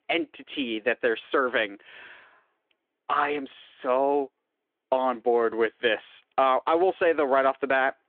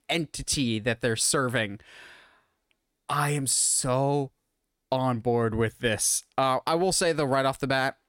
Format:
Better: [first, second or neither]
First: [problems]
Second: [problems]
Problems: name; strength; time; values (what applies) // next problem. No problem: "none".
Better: second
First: phone-call audio; nothing above 3.5 kHz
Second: none